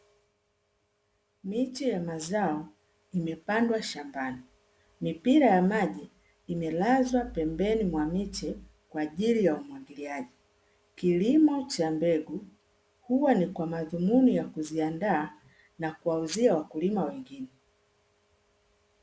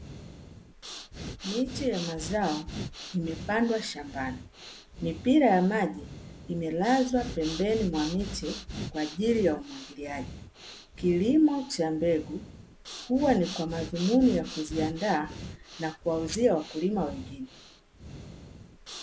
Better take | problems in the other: first | background sound (Breathing); 13 dB below the speech

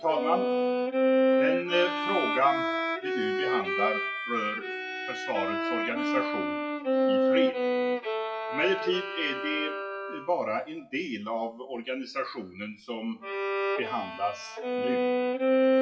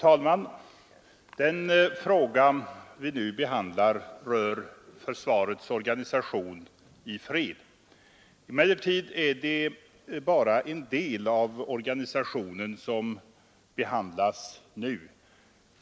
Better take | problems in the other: second | noise reduction (classical method WPE with log-MMSE)

